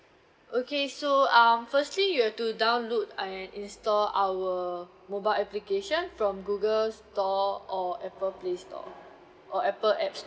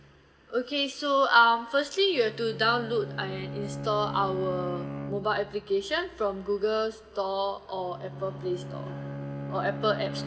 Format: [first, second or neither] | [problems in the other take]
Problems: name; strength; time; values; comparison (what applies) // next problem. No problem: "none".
first | background sound (Bowed string instrument); 11 dB below the speech // room echo; dies away in 0.7 s